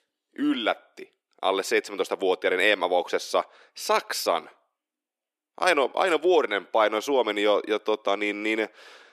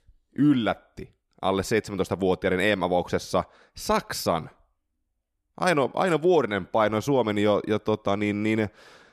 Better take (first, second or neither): second